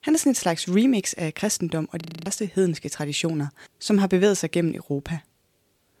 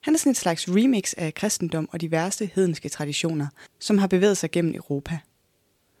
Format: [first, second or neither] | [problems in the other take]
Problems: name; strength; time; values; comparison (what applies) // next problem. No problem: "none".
second | audio freezing; at 2 s